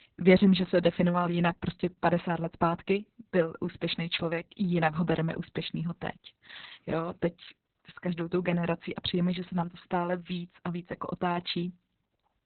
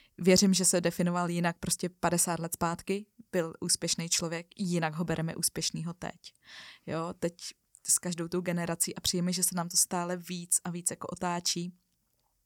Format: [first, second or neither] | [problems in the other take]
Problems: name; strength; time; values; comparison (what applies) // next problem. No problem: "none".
second | garbled, watery; badly; nothing above 4 kHz